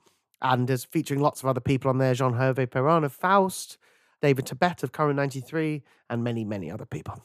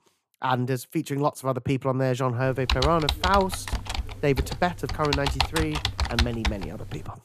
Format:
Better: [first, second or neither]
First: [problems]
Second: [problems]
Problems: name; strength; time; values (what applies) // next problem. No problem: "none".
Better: first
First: none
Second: keyboard typing; loud; from 2.5 s on; peak 1 dB above the speech